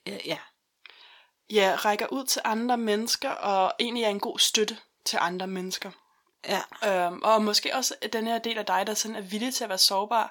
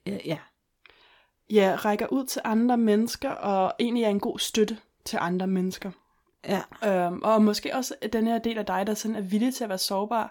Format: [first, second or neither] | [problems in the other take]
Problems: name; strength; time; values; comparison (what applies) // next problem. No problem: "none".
second | thin; somewhat; fading below 700 Hz